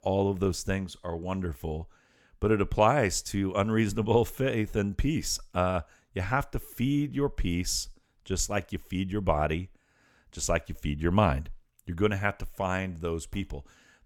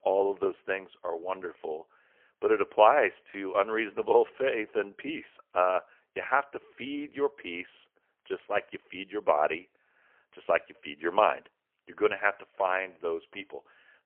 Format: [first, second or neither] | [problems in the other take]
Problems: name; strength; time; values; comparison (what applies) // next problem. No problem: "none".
first | phone-call audio; poor line; nothing above 3 kHz